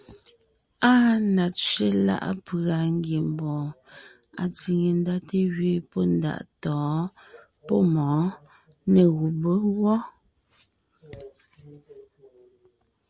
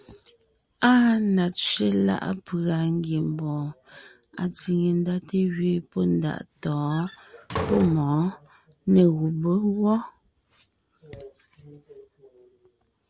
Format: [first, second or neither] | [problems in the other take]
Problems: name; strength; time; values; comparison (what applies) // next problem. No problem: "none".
first | background sound (Slam); 10 dB below the speech